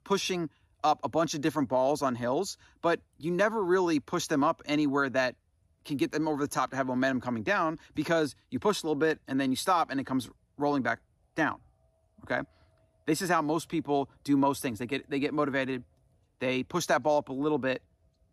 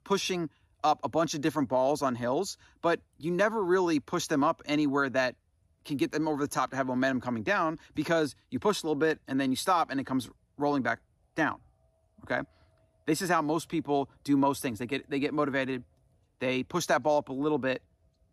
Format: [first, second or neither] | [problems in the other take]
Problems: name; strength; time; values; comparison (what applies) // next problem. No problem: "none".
neither | none